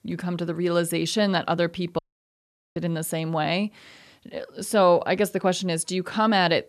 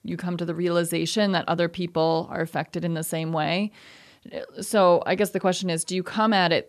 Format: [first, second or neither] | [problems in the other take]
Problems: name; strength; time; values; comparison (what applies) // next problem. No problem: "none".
second | audio cutting out; at 2 s for 1 s